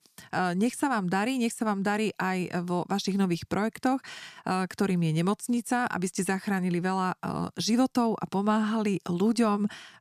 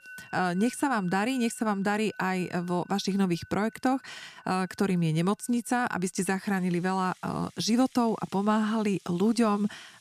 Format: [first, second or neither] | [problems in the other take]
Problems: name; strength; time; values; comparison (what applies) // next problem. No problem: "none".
first | background music; faint; throughout; 25 dB below the speech